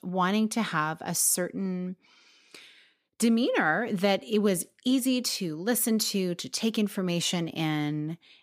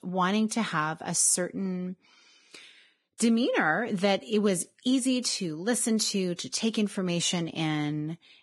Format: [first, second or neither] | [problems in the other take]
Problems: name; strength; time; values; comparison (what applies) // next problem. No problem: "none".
first | garbled, watery; badly; nothing above 10.5 kHz